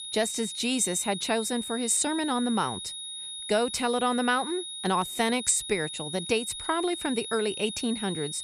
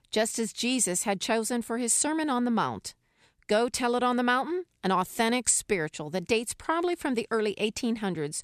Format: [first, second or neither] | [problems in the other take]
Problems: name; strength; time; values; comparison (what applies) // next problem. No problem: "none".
second | high-pitched whine; loud; throughout; 3.5 kHz, 7 dB below the speech